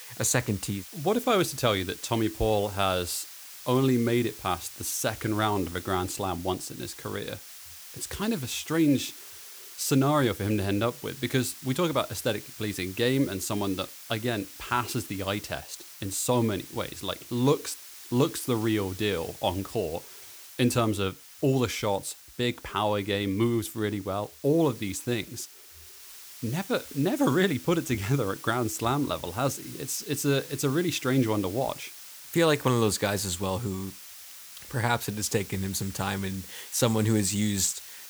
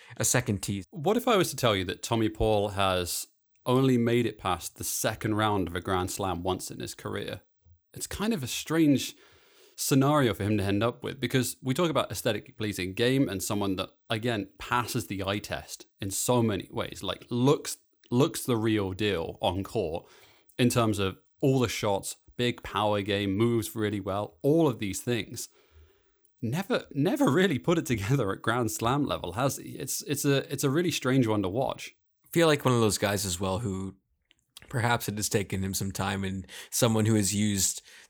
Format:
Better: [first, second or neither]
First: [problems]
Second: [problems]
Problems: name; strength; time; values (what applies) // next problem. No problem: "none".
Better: second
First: hiss; noticeable; throughout; 15 dB below the speech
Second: none